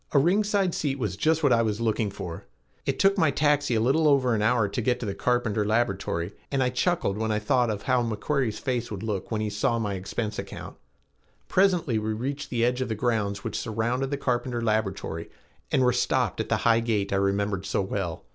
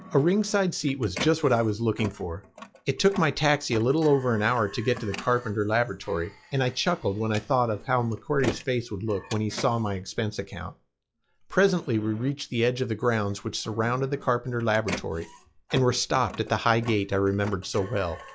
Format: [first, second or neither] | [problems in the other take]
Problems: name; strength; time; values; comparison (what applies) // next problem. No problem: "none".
first | noise reduction (classical method log-MMSE)